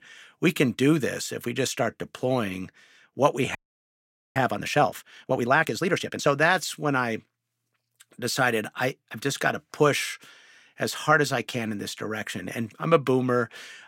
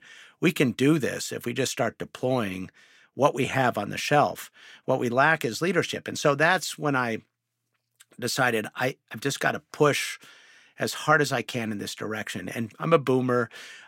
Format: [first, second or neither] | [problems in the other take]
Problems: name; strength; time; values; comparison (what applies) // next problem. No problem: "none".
second | audio freezing; at 3.5 s for 1 s